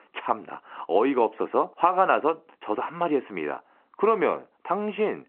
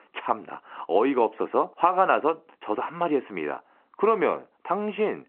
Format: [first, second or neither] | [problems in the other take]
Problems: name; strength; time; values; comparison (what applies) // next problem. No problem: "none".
neither | phone-call audio; the same in both